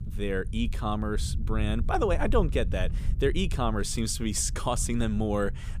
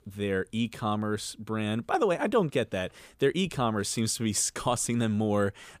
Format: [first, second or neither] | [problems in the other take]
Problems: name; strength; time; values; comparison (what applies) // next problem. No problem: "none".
second | low rumble; noticeable; throughout; 20 dB below the speech